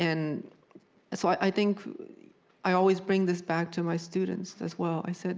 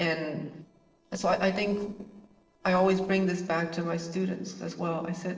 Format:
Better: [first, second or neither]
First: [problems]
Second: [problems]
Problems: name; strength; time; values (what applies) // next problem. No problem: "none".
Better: first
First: none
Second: noise reduction (neural separator model SepFormer DNS4)